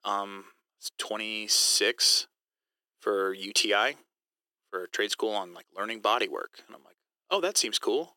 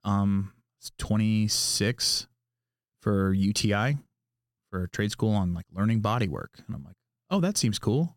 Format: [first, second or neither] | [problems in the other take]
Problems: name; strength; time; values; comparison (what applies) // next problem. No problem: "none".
second | thin; very; fading below 350 Hz